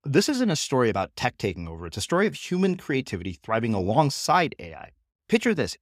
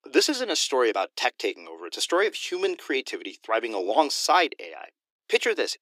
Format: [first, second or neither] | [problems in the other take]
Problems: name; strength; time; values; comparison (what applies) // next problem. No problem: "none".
first | thin; very; fading below 300 Hz